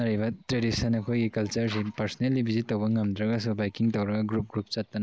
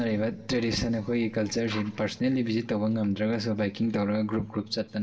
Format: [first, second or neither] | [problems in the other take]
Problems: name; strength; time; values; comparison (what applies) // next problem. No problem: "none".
first | room echo; dies away in 1.2 s